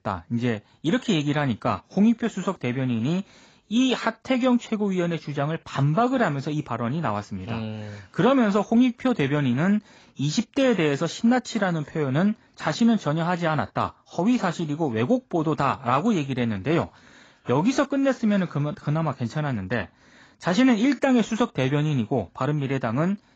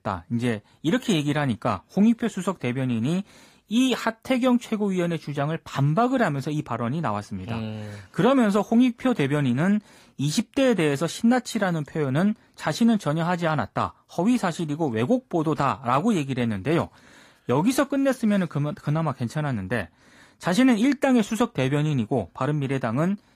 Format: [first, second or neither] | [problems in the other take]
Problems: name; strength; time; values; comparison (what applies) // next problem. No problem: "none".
second | garbled, watery; badly; nothing above 7.5 kHz; slightly in the second